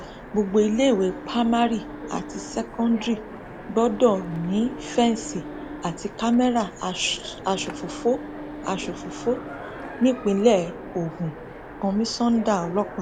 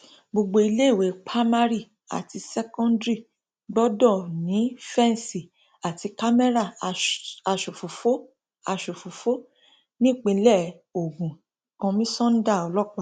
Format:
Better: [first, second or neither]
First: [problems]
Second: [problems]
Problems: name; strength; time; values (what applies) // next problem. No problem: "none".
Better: second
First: background sound (Train + Wind instrument, woodwind instrument); 12 dB below the speech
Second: none